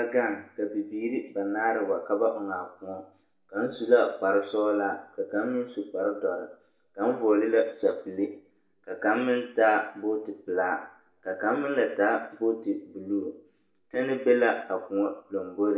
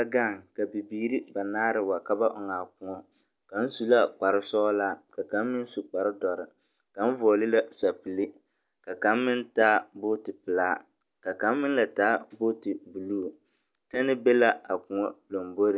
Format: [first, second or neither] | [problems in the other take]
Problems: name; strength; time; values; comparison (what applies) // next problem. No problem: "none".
second | room echo; dies away in 0.5 s